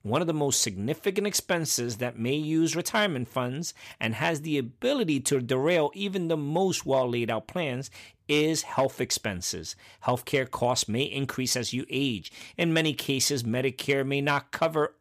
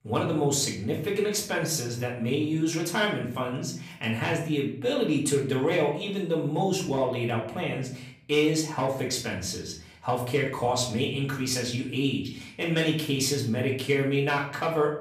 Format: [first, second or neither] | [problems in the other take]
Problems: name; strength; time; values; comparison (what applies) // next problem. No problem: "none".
first | off-mic speech; far // room echo; slight; dies away in 0.5 s